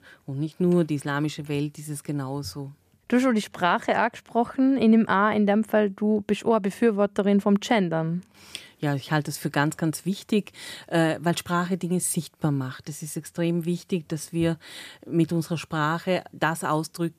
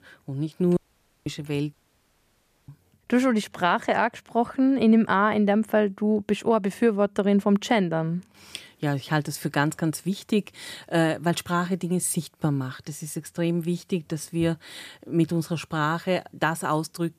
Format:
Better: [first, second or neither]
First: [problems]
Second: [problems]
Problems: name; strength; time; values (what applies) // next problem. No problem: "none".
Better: first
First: none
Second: audio cutting out; at 1 s and at 1.5 s for 1 s